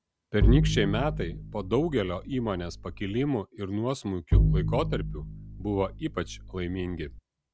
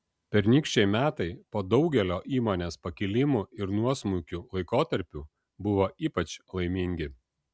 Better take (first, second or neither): second